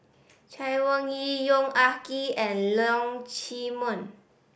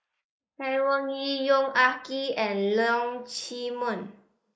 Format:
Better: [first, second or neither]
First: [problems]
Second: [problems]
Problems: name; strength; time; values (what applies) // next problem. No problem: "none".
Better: first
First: none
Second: noise reduction (neural mask model Resemble Enhance denoiser)